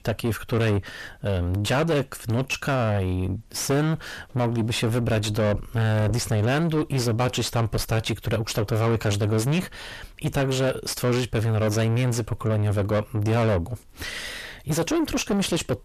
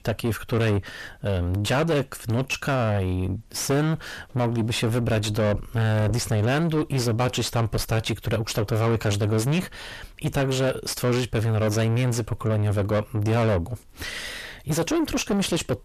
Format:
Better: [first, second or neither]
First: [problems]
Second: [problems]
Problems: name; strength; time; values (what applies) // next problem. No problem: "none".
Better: neither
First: distortion; heavy; 4 dB below the speech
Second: distortion; heavy; 4 dB below the speech